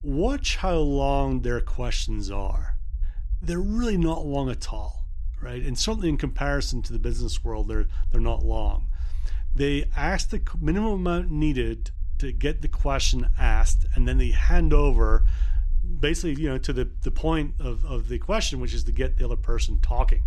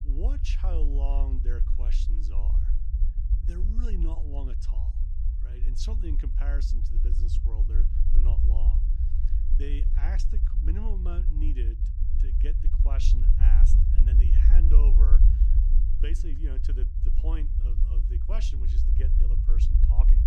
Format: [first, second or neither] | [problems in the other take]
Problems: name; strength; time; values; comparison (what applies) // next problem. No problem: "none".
first | low rumble; loud; throughout; 2 dB below the speech; faint in the first